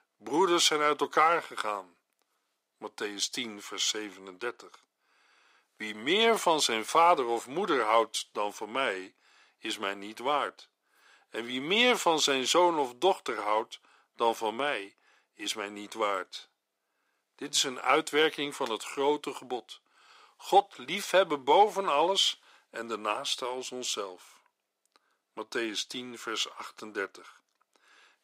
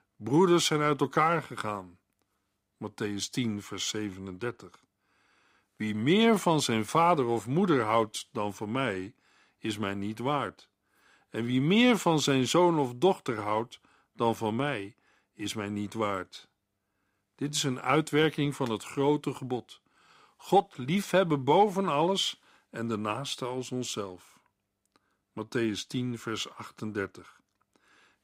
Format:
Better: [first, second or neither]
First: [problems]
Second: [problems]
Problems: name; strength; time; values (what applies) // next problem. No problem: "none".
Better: second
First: thin; somewhat; fading below 500 Hz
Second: none